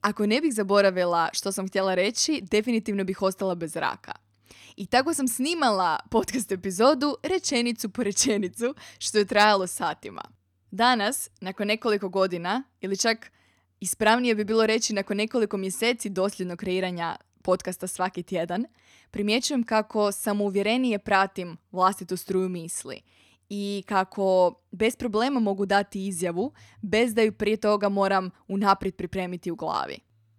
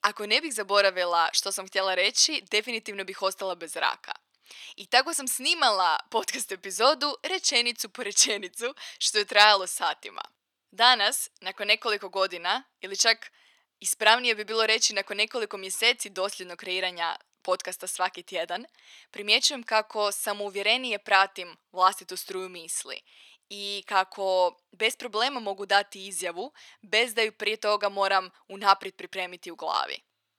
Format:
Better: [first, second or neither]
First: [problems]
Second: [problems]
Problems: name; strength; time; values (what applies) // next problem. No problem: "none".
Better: first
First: none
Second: thin; very; fading below 600 Hz